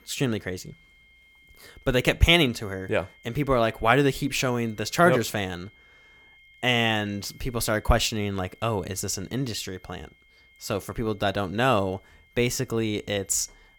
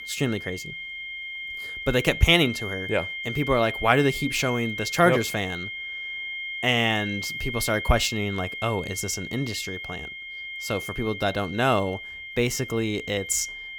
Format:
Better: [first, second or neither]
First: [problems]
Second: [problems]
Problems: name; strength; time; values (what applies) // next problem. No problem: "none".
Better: first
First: high-pitched whine; faint; throughout; 2 kHz, 30 dB below the speech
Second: high-pitched whine; loud; throughout; 2 kHz, 7 dB below the speech